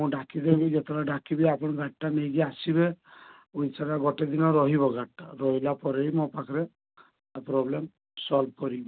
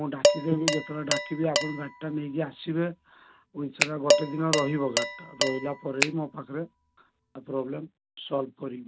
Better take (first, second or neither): first